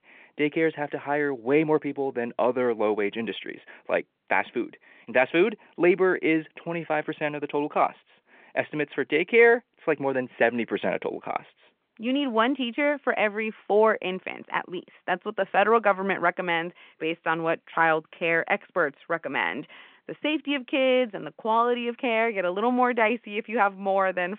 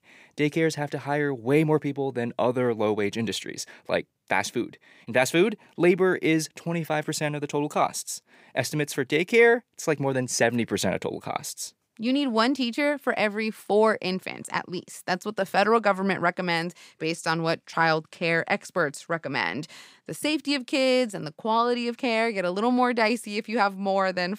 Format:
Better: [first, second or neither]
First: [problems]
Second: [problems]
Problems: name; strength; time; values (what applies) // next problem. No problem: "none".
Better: second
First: phone-call audio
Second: none